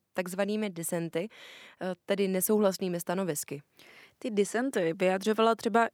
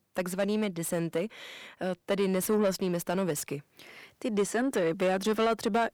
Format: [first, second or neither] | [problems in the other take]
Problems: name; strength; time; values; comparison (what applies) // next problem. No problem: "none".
first | distortion; slight; 10 dB below the speech